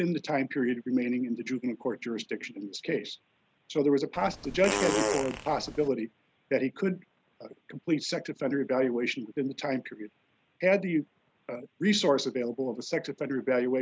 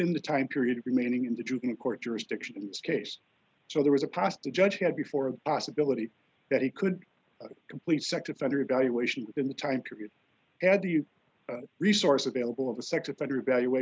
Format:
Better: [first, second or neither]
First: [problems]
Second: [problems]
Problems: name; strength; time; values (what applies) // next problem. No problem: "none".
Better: second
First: background sound (Fart); 2 dB below the speech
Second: none